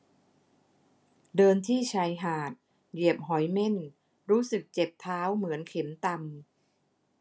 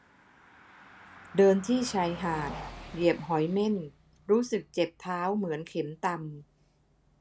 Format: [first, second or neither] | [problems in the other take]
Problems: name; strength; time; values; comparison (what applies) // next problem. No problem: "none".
first | background sound (Car passing by); 18 dB below the speech